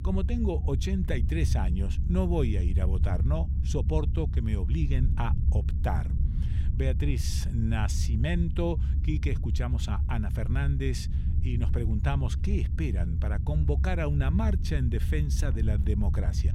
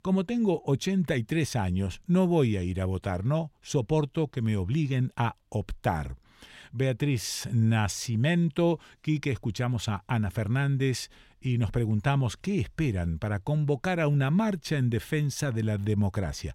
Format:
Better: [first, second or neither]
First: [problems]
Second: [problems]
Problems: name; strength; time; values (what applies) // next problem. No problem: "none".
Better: second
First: low rumble; loud; throughout; 9 dB below the speech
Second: none